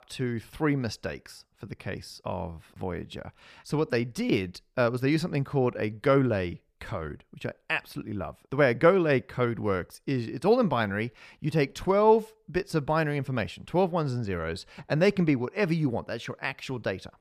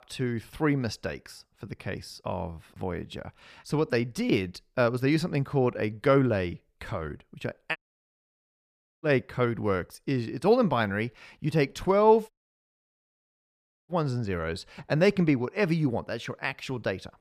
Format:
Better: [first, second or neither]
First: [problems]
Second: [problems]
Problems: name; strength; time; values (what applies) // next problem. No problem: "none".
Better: first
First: none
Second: audio cutting out; at 8 s for 1.5 s and at 12 s for 1.5 s